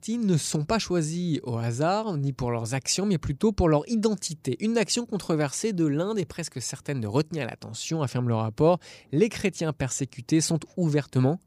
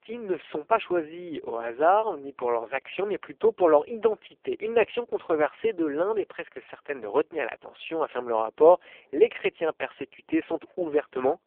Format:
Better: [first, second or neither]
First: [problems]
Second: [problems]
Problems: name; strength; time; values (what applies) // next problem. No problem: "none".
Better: first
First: none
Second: phone-call audio; poor line